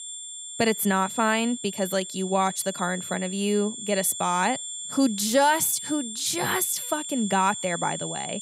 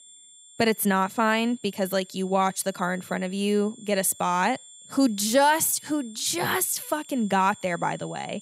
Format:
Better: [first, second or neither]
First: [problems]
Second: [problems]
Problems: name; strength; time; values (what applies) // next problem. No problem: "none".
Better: second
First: high-pitched whine; loud; throughout; 7.5 kHz, 8 dB below the speech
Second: high-pitched whine; faint; throughout; 7.5 kHz, 20 dB below the speech